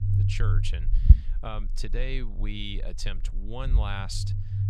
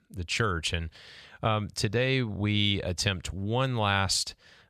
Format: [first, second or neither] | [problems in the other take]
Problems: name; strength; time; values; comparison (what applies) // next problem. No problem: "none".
second | low rumble; loud; throughout; 4 dB below the speech